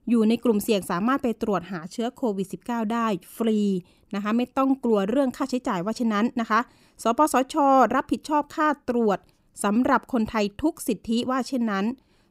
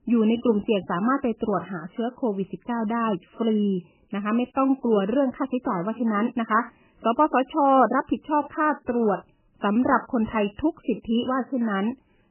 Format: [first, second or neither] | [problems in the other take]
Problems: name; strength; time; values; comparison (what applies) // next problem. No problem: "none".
first | garbled, watery; badly; nothing above 3 kHz